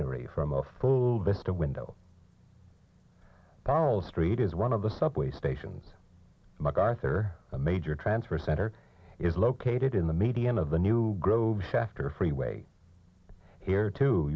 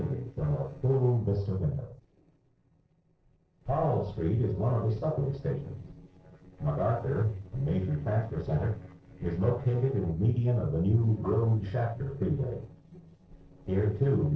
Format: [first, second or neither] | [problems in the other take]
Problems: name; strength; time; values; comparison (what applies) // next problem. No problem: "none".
first | noise reduction (neural separator model SepFormer DNS4)